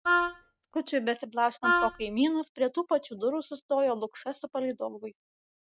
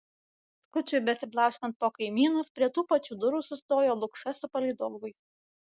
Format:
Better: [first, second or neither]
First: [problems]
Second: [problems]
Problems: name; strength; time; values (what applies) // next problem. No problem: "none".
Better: second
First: noise reduction (neural mask model RNNoise)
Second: none